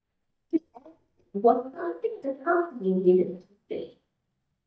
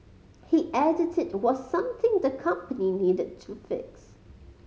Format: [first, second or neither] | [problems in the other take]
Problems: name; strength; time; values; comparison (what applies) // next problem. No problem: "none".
second | noise reduction (neural mask model DeepFilterNet 3)